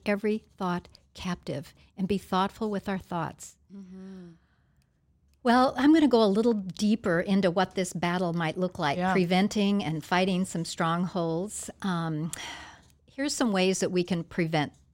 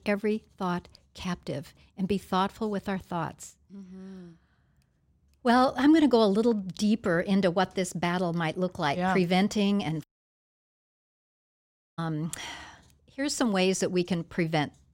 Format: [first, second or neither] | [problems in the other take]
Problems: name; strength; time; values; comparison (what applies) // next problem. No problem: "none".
first | audio cutting out; at 10 s for 2 s